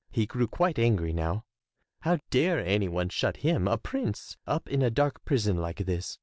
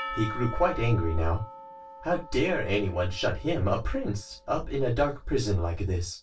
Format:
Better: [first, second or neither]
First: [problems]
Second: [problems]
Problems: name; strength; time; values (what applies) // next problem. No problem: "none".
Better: first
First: none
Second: background sound (Percussion); 15 dB below the speech // room echo; dies away in 0.1 s